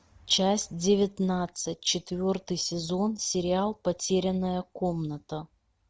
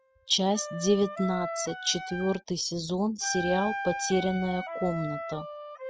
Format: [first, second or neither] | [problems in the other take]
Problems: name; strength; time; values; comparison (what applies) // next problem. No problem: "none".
first | noise reduction (classical method spectral subtraction)